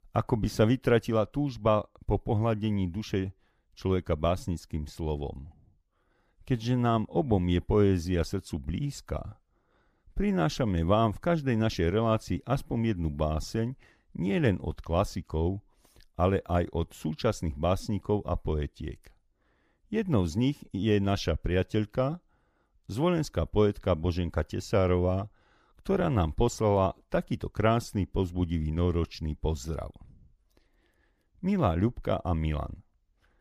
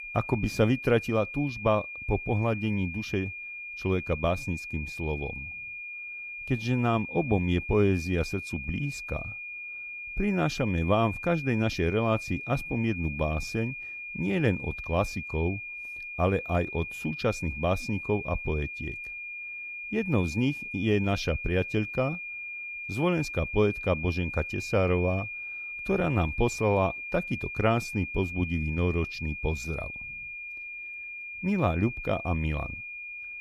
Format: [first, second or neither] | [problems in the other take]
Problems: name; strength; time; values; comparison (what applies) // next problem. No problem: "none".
first | high-pitched whine; loud; throughout; 2.5 kHz, 7 dB below the speech